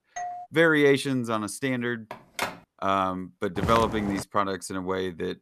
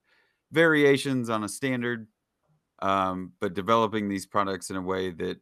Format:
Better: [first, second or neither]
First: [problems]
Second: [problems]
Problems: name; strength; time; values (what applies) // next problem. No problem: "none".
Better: second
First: doorbell; noticeable; at the start; peak 10 dB below the speech // phone ringing; noticeable; at 2 s; peak 6 dB below the speech // footsteps; noticeable; at 3.5 s; peak 5 dB below the speech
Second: none